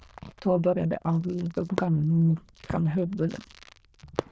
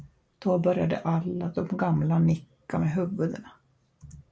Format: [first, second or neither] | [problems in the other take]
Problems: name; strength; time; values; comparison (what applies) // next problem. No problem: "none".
second | noise reduction (neural diffusion model UNIVERSE++)